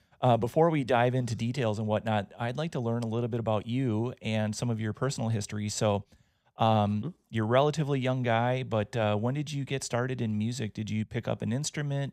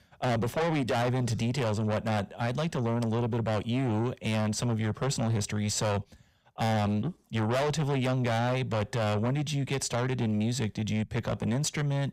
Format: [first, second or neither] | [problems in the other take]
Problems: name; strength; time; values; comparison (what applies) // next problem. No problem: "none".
first | distortion; heavy; 6 dB below the speech